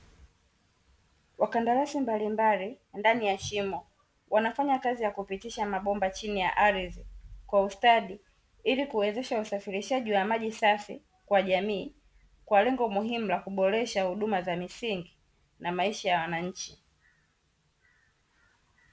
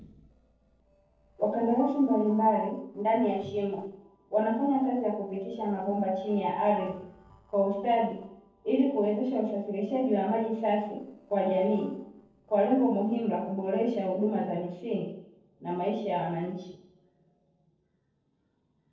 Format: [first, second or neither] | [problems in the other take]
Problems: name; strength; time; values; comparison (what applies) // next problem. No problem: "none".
first | noise reduction (neural separator model SepFormer DNS4)